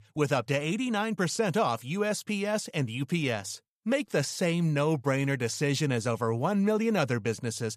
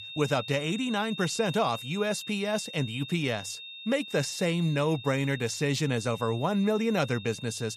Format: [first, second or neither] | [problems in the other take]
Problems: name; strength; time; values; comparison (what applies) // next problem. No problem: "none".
first | high-pitched whine; noticeable; throughout; 3.5 kHz, 10 dB below the speech